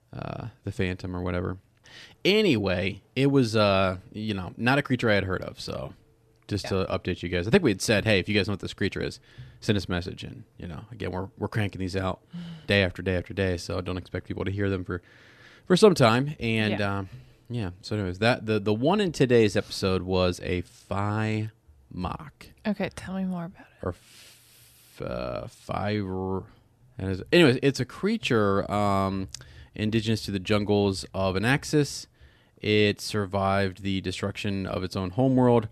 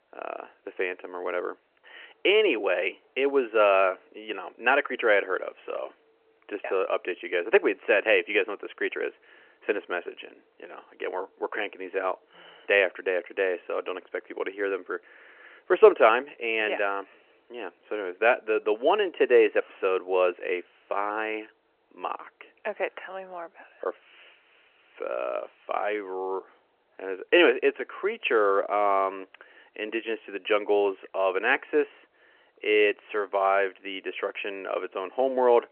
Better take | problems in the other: first | phone-call audio; nothing above 3 kHz

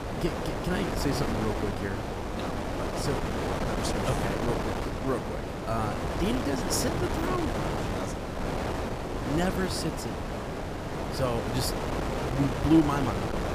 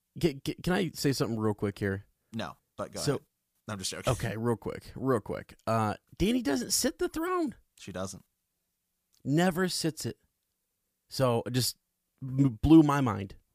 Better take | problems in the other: second | wind noise on the microphone; heavy; 1 dB above the speech

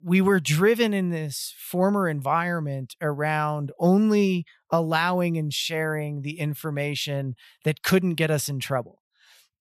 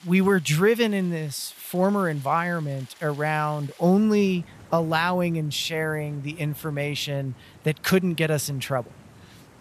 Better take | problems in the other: first | rain or running water; faint; throughout; 25 dB below the speech

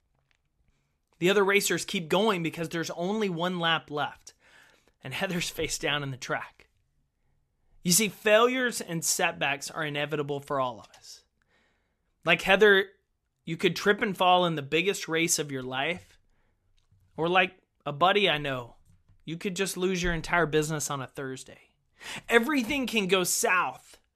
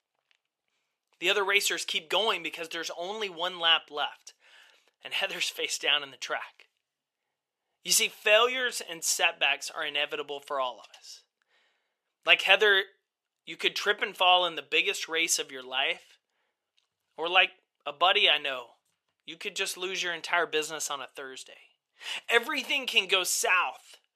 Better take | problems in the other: first | thin; very; fading below 550 Hz

